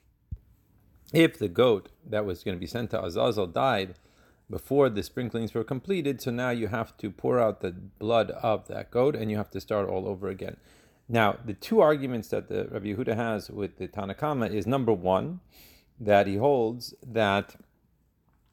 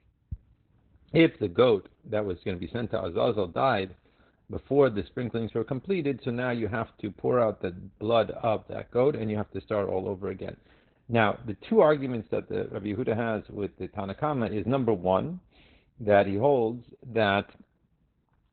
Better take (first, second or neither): first